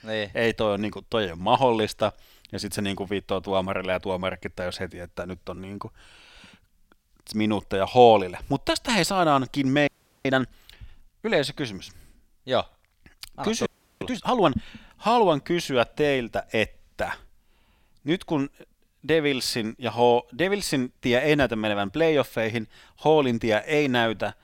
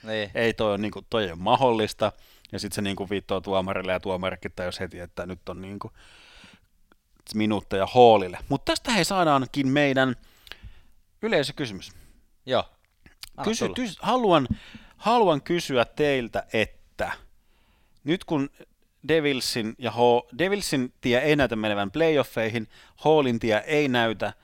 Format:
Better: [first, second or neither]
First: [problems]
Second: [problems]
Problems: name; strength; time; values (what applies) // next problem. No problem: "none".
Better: second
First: audio freezing; at 10 s and at 14 s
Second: none